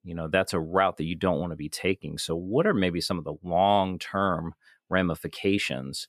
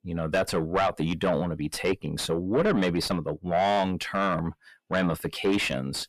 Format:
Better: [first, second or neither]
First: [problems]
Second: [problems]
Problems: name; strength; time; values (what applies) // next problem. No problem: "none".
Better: first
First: none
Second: distortion; heavy; 6 dB below the speech